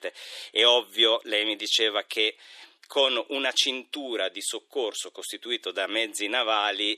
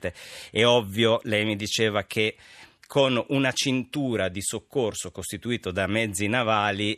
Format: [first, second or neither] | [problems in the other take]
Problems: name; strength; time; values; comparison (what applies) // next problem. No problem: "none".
second | thin; somewhat; fading below 350 Hz